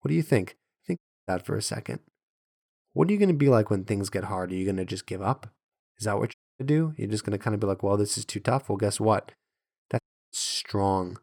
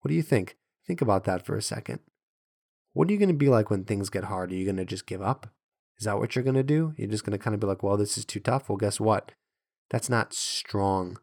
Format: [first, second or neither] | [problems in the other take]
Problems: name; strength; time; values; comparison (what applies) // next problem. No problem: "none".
second | audio cutting out; at 1 s, at 6.5 s and at 10 s